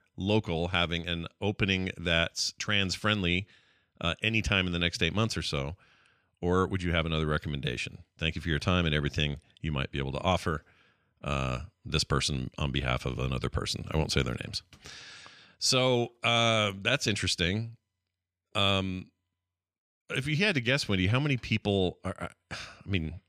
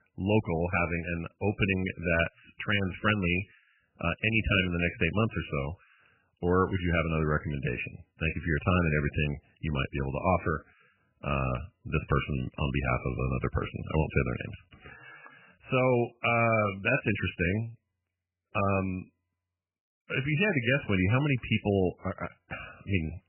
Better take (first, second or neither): first